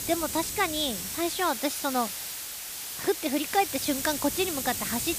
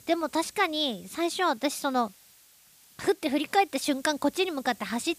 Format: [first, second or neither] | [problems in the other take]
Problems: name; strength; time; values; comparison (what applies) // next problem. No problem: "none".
second | hiss; loud; throughout; 3 dB below the speech; faint in the second